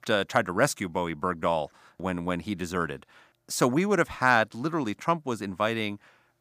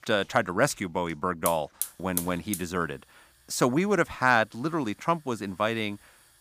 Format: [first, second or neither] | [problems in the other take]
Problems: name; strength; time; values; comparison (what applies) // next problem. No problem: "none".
first | hiss; loud; throughout; 6 dB below the speech